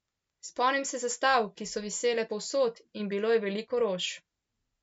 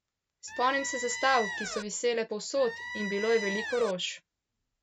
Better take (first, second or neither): first